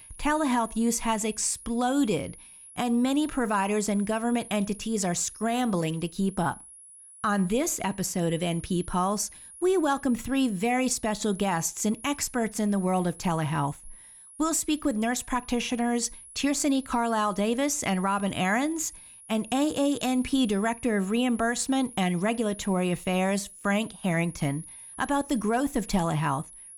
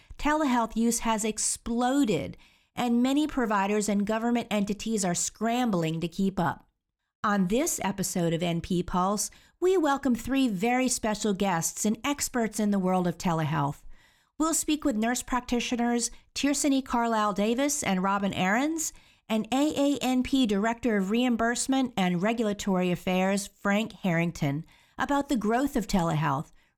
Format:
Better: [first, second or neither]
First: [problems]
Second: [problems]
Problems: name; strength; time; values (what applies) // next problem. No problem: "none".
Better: second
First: high-pitched whine; noticeable; throughout; 10.5 kHz, 15 dB below the speech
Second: none